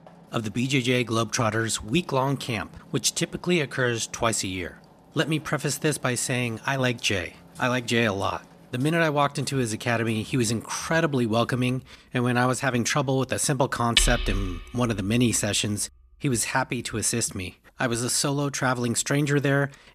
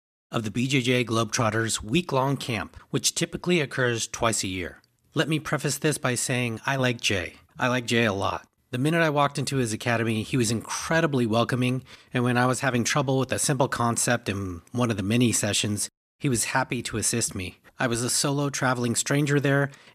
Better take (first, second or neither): second